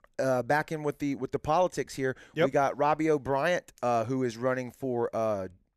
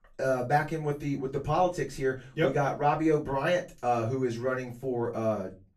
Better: first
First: none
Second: off-mic speech; far // room echo; very slight; dies away in 0.2 s

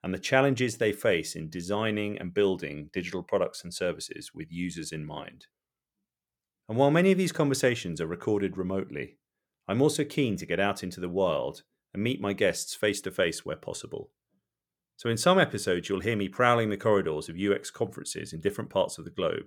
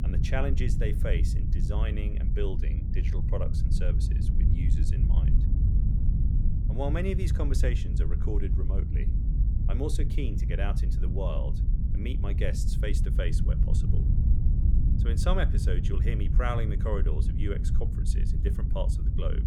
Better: first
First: none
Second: low rumble; loud; throughout; 6 dB below the speech

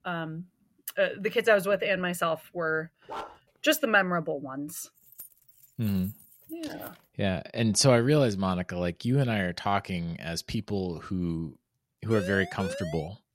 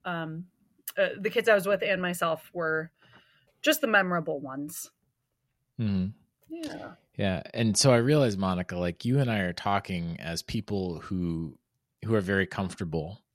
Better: second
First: dog barking; faint; at 3 s; peak 10 dB below the speech // jangling keys; faint; from 5 to 7 s; peak 20 dB below the speech // siren; noticeable; at 12 s; peak 9 dB below the speech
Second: none

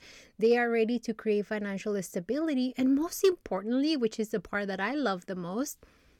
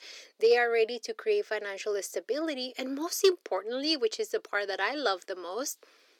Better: first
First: none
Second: thin; somewhat; fading below 350 Hz

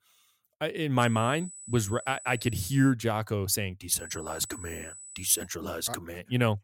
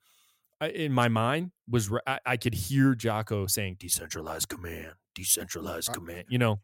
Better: second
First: high-pitched whine; noticeable; from 1 to 3 s and from 4 to 5.5 s; 8 kHz, 15 dB below the speech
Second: none

